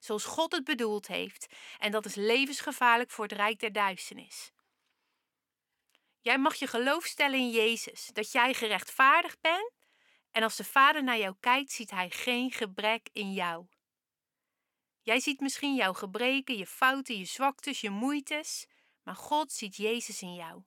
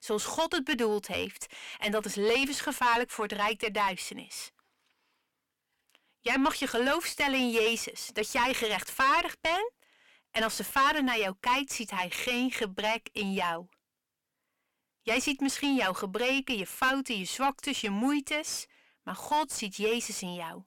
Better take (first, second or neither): first